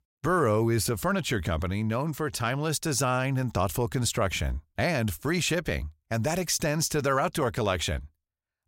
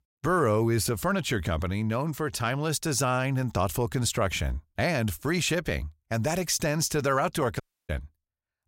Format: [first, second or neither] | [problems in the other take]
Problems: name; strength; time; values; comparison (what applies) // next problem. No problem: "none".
first | audio cutting out; at 7.5 s